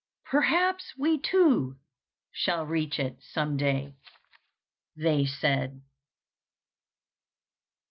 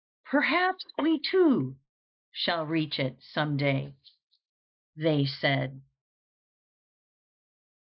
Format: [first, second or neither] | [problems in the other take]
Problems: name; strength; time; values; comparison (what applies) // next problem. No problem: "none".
first | noise reduction (neural mask model Resemble Enhance denoiser)